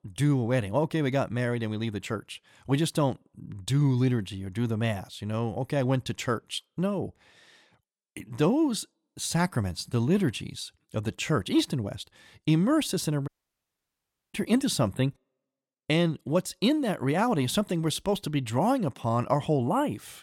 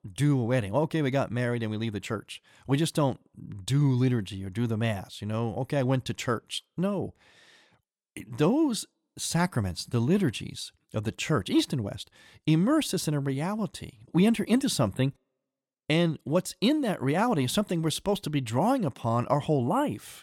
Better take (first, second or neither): second